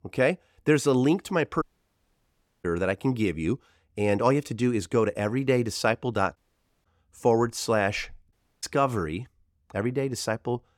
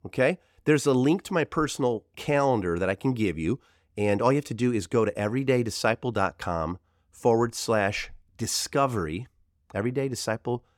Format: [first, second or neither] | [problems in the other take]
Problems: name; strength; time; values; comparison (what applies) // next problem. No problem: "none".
second | audio cutting out; at 1.5 s for 1 s, at 6.5 s and at 8.5 s